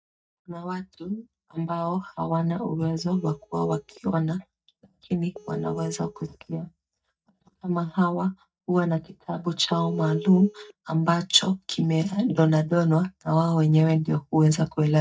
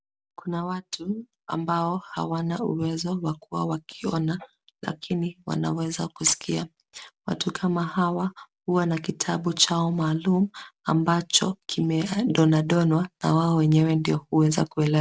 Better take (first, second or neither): second